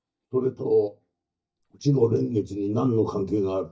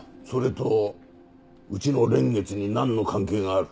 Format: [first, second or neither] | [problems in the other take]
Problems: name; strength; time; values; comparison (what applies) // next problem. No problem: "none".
second | noise reduction (neural mask model DeepFilterNet 3)